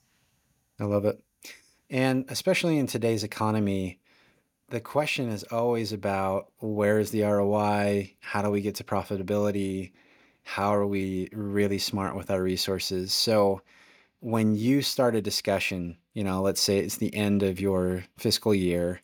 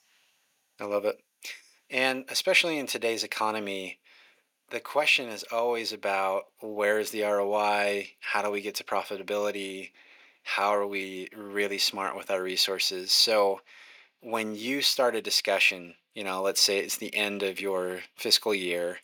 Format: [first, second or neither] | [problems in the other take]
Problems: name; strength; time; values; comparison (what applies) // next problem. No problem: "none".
first | thin; somewhat; fading below 500 Hz